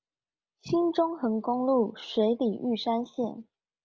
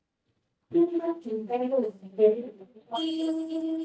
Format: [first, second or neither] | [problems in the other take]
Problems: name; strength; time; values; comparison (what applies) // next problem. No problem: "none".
first | noise reduction (neural mask model DeepFilterNet 3)